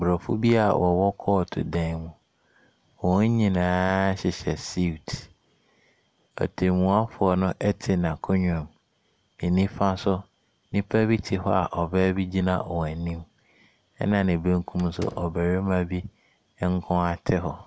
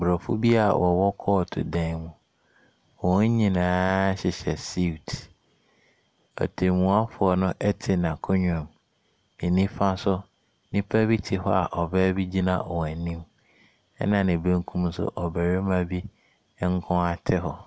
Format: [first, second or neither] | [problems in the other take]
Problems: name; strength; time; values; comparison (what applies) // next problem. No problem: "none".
second | background sound (Slam); 20 dB below the speech